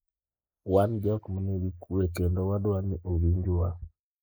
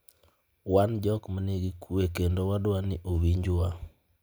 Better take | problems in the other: second | noise reduction (neural mask model Resemble Enhance denoiser)

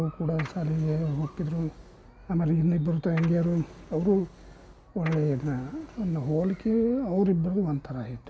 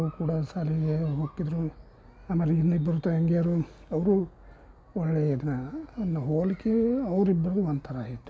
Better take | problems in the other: second | background sound (Printer); 20 dB below the speech

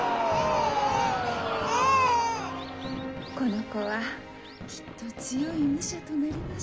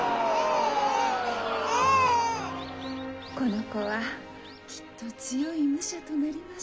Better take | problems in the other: second | background sound (Fireworks); 13 dB below the speech

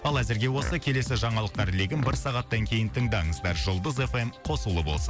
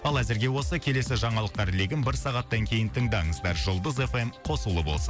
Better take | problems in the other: second | background sound (Fart); 13 dB below the speech

